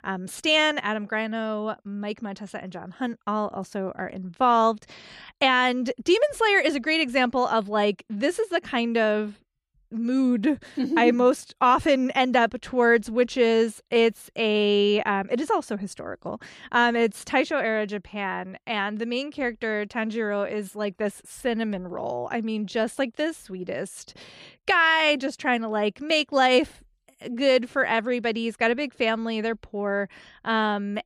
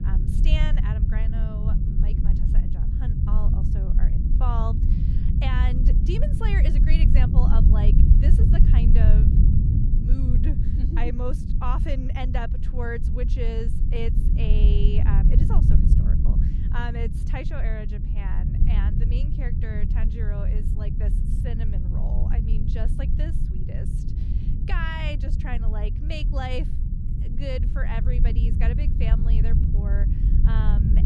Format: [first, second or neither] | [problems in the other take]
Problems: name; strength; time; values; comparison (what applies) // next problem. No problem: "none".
first | low rumble; loud; throughout; 3 dB below the speech